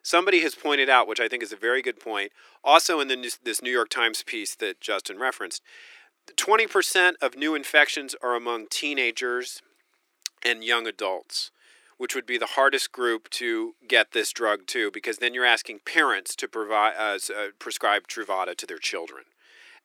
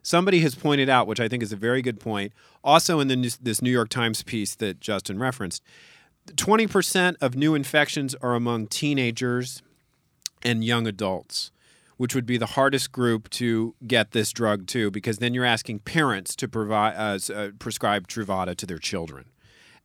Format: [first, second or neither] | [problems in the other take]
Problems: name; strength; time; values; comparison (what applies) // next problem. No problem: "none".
second | thin; very; fading below 350 Hz